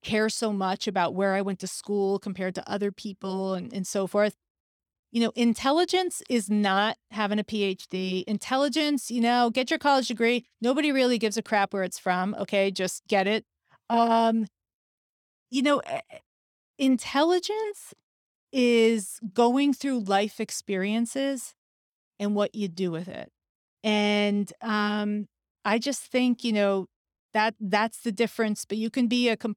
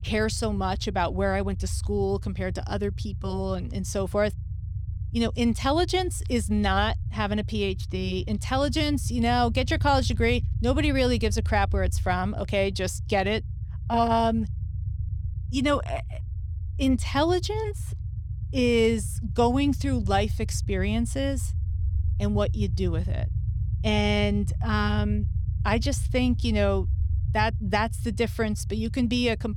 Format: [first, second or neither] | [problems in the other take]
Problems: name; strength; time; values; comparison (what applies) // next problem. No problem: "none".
first | low rumble; noticeable; throughout; 20 dB below the speech